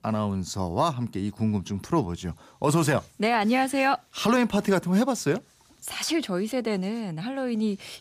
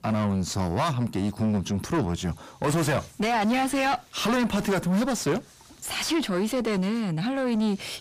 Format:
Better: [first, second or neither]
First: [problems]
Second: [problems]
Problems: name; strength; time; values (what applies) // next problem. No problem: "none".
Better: first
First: none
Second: distortion; heavy; 6 dB below the speech